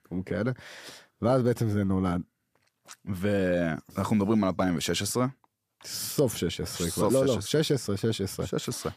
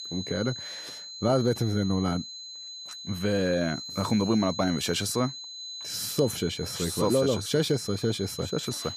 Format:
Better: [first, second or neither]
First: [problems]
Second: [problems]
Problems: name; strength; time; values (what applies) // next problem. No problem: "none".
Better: first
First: none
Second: high-pitched whine; loud; throughout; 4 kHz, 9 dB below the speech